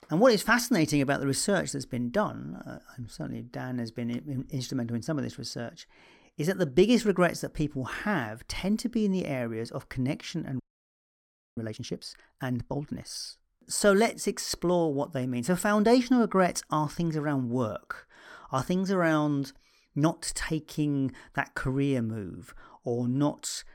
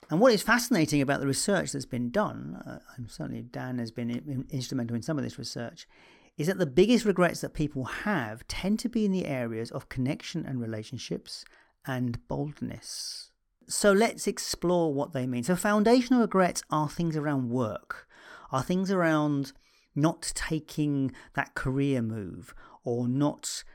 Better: second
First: audio freezing; at 11 s for 1 s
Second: none

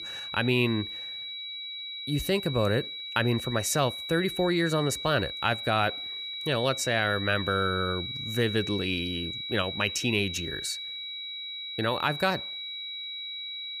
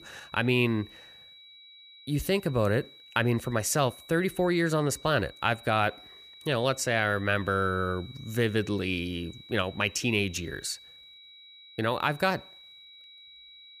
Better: second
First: high-pitched whine; loud; throughout; 4 kHz, 6 dB below the speech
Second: high-pitched whine; faint; throughout; 4 kHz, 20 dB below the speech

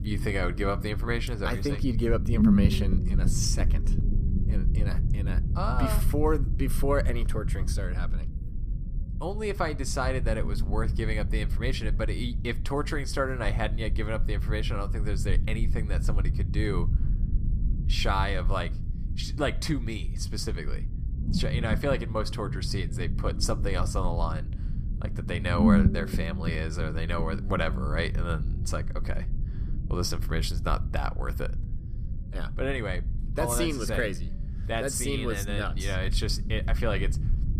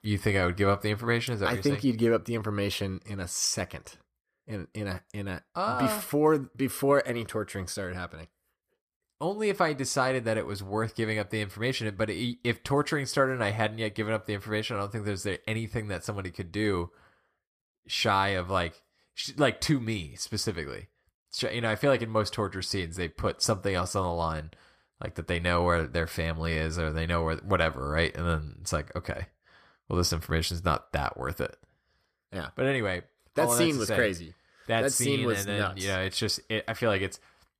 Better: second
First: low rumble; loud; throughout; 9 dB below the speech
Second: none

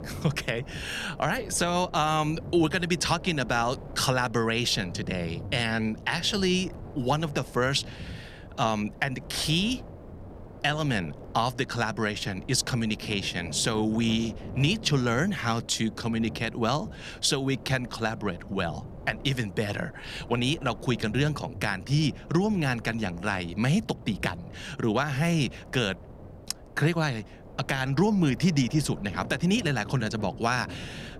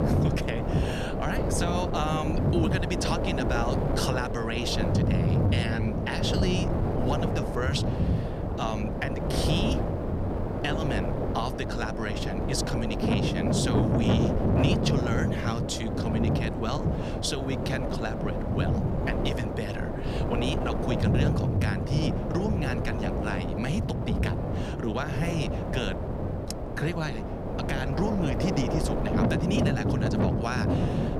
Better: first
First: wind noise on the microphone; occasional gusts; 20 dB below the speech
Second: wind noise on the microphone; heavy; 1 dB above the speech

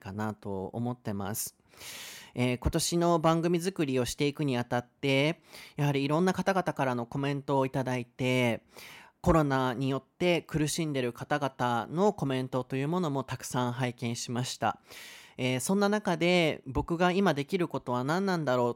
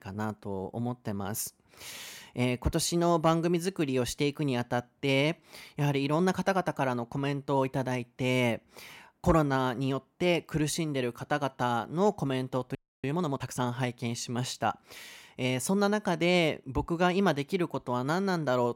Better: first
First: none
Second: audio freezing; at 13 s

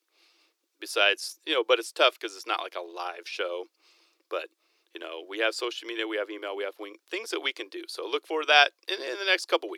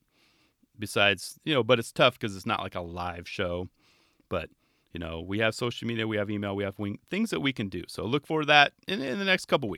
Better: second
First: thin; very; fading below 350 Hz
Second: none

